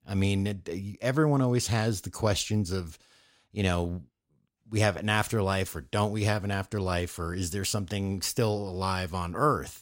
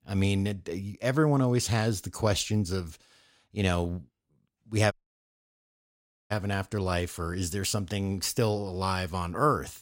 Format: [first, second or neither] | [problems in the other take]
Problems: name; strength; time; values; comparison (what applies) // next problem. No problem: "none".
first | audio cutting out; at 5 s for 1.5 s